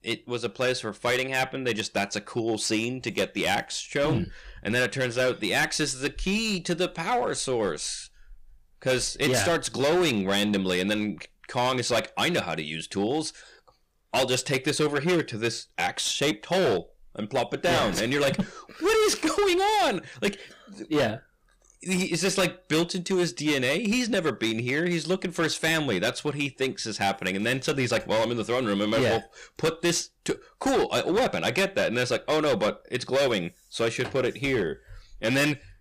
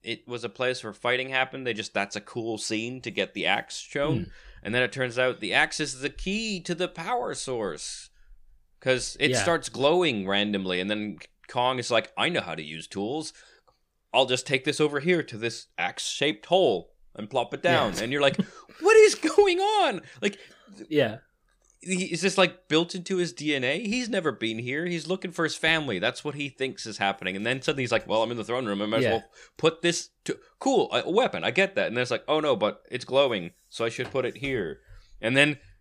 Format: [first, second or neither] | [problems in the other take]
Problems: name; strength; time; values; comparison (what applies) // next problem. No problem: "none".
second | distortion; heavy; 12% of the sound clipped